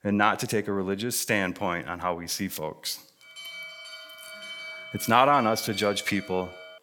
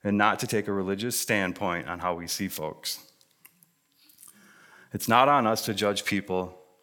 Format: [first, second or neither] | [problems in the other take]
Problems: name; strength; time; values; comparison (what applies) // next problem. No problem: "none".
second | alarm; faint; from 3 s on; peak 10 dB below the speech